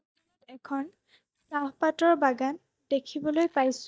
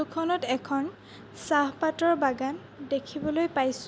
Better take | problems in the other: second | noise reduction (neural mask model DeepFilterNet 3)

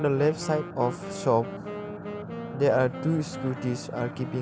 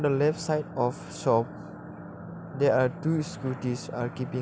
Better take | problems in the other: second | background sound (Wind instrument, woodwind instrument); 11 dB below the speech

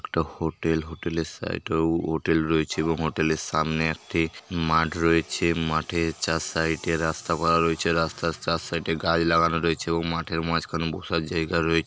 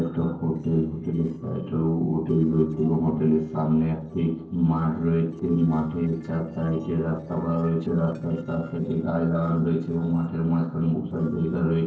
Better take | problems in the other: first | noise reduction (neural separator model SepFormer DNS4)

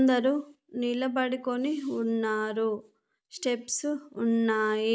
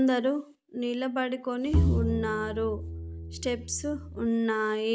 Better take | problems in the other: first | background sound (Bowed string instrument); 1 dB below the speech

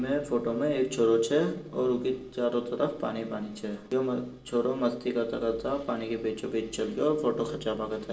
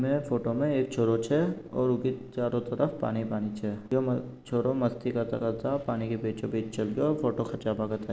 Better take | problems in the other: second | room echo; dies away in 0.2 s

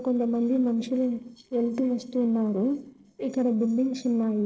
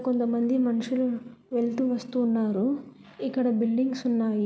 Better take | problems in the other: second | noise reduction (neural separator model SepFormer DNS4)

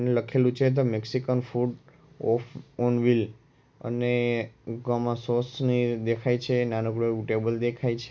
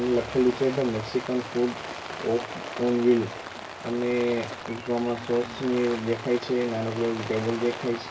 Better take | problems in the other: first | background sound (Rain); 10 dB below the speech // room echo; dies away in 0.2 s

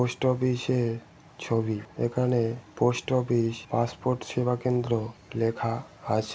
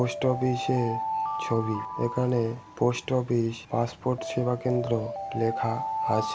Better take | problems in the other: first | background sound (Alarm); 6 dB below the speech

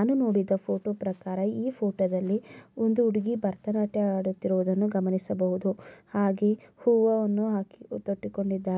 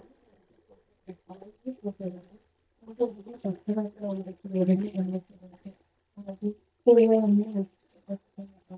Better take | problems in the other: first | noise reduction (neural mask model DeepFilterNet 3)

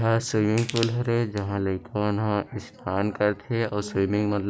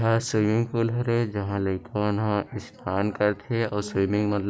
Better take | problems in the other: second | background sound (Crushing); 14 dB below the speech

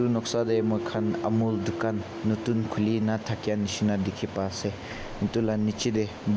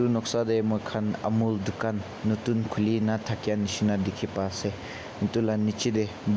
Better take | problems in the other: second | background sound (Thump, thud); 11 dB below the speech

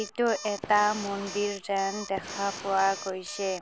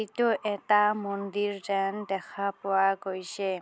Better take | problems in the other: second | background sound (Alarm + Fire); 11 dB below the speech

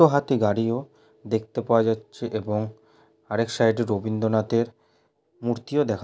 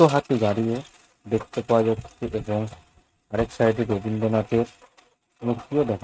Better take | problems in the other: first | noise reduction (neural mask model RNNoise)

